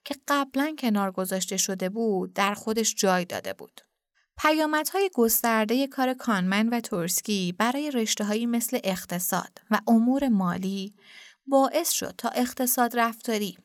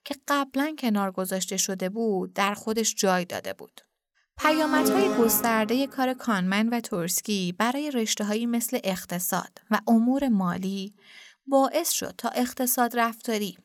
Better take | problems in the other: first | alarm; loud; from 4.5 to 5.5 s; peak 2 dB above the speech

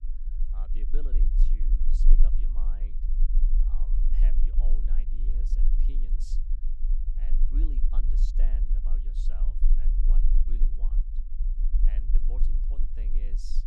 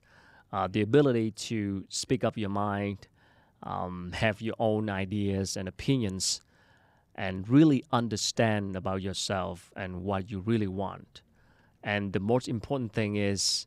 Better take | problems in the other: second | low rumble; loud; throughout; 1 dB below the speech

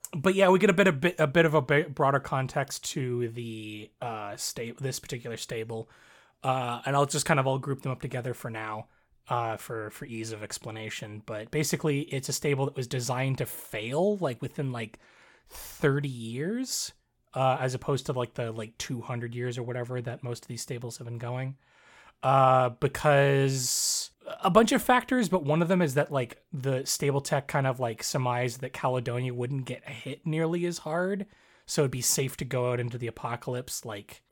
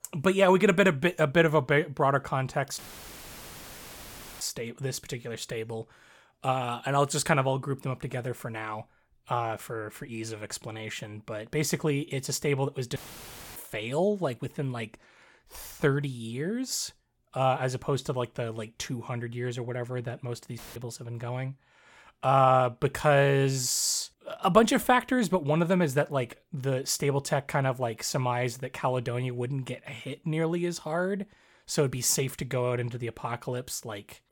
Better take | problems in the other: first | audio cutting out; filled with static; at 3 s for 1.5 s, at 13 s for 0.5 s and at 21 s

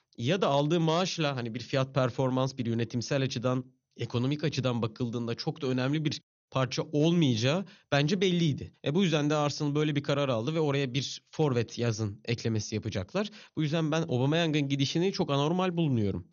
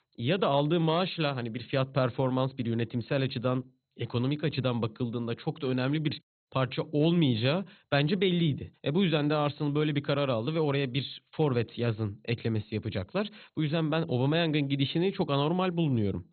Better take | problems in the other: first | garbled, watery; badly; nothing above 4 kHz; slightly in the first

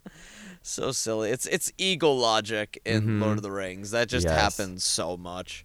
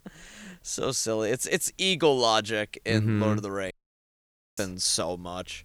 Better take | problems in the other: first | audio cutting out; at 3.5 s for 1 s

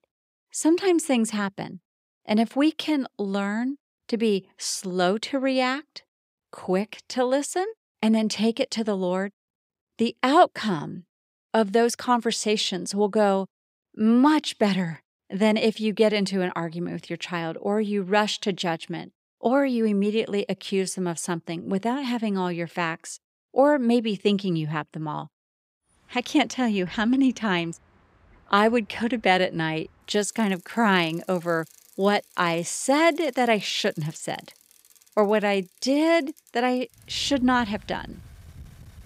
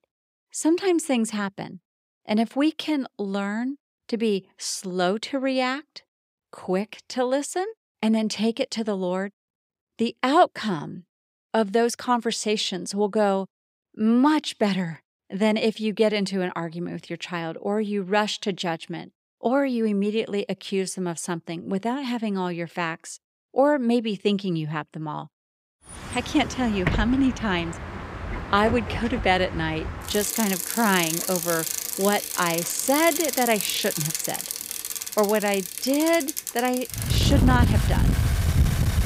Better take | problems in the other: first | traffic noise; loud; from 26 s on; 2 dB below the speech; faint in the first

